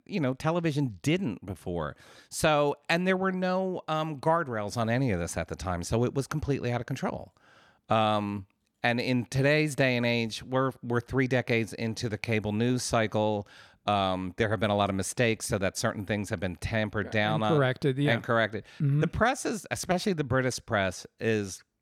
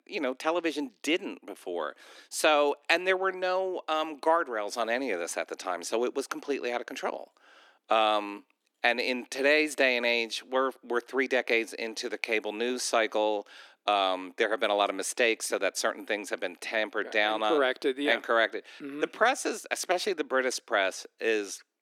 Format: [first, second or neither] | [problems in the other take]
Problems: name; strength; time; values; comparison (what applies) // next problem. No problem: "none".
first | thin; somewhat; fading below 300 Hz